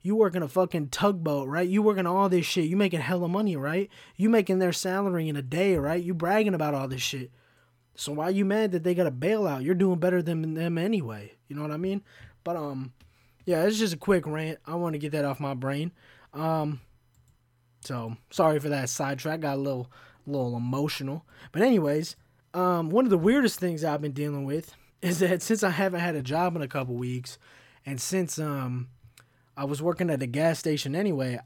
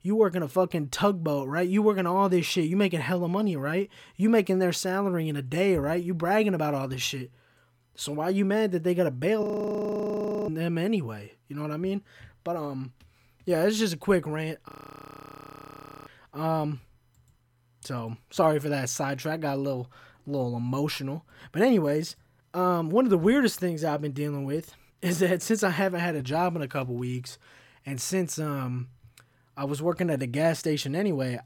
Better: first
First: none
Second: audio freezing; at 9.5 s for 1 s and at 15 s for 1.5 s

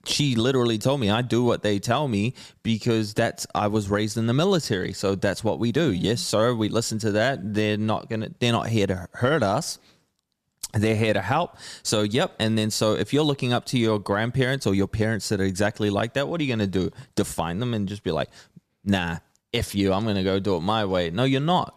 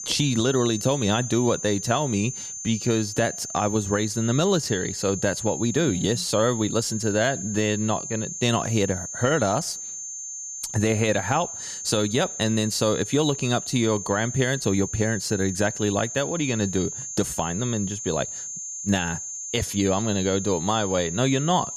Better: first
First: none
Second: high-pitched whine; loud; throughout; 6.5 kHz, 7 dB below the speech

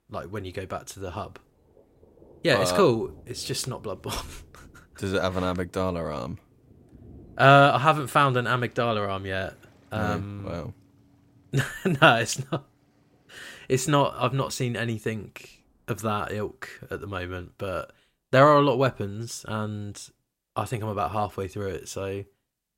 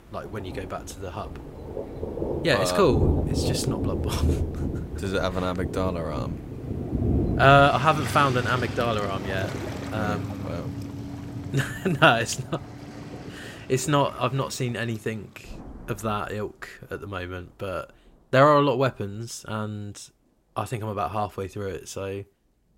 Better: first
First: rain or running water; faint; throughout; 30 dB below the speech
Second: rain or running water; loud; throughout; 6 dB below the speech

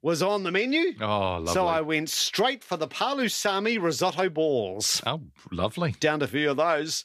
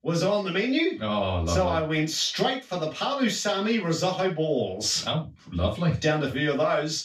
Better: first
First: none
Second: room echo; slight; dies away in 0.2 s // off-mic speech; far

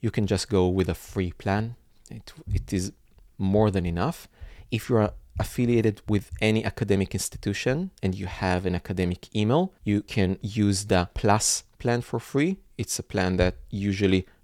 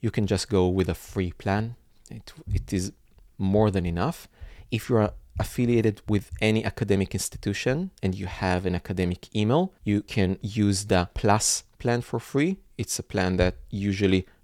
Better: neither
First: none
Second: none

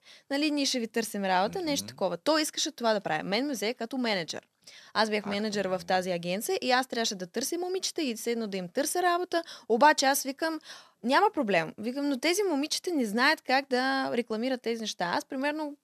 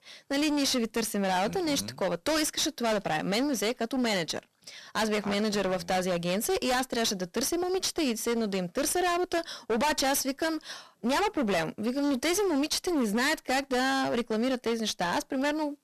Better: first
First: none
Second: distortion; heavy; 25% of the sound clipped

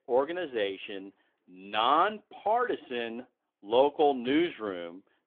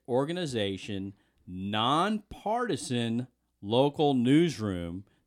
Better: second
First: phone-call audio; nothing above 3.5 kHz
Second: none

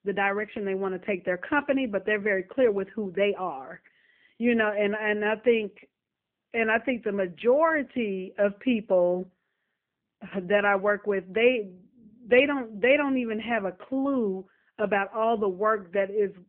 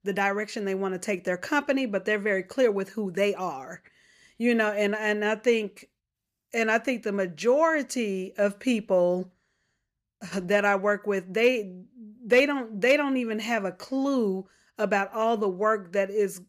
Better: second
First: phone-call audio; nothing above 3 kHz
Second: none

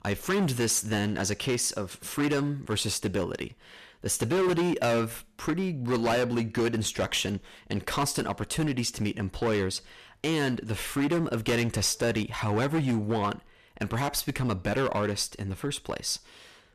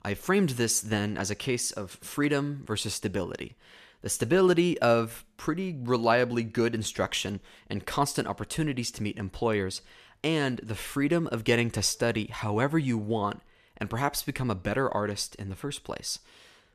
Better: second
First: distortion; heavy; 12% of the sound clipped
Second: none

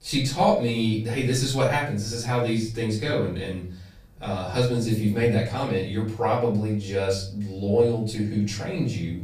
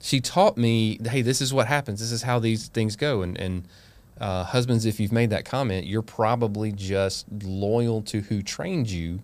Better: second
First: off-mic speech; far // room echo; slight; dies away in 0.4 s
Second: none

